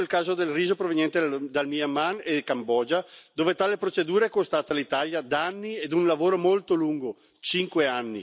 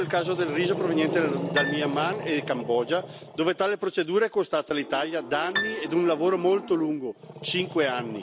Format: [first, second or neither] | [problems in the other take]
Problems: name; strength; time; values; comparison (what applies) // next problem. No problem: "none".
first | background sound (Piano + Growling); 8 dB below the speech